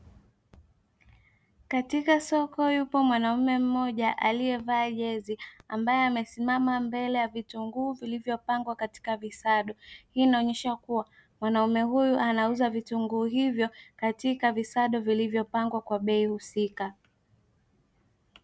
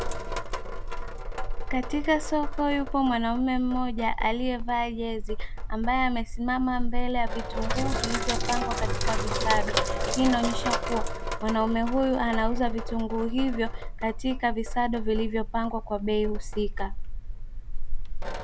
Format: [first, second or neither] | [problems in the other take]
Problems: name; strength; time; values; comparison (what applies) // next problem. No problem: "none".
first | background sound (Sink (filling or washing)); 1 dB above the speech